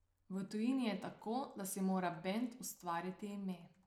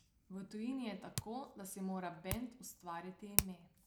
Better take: first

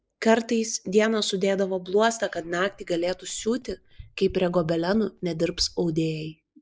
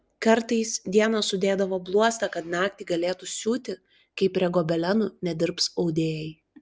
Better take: second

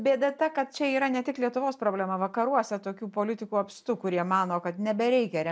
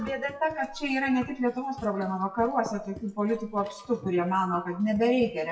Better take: first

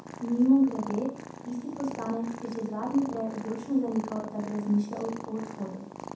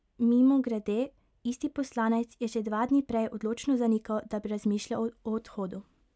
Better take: second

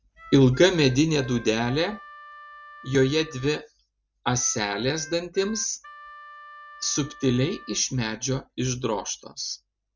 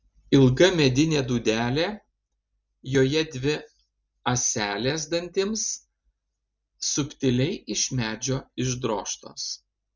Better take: second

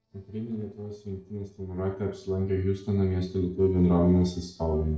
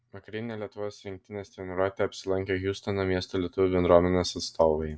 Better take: second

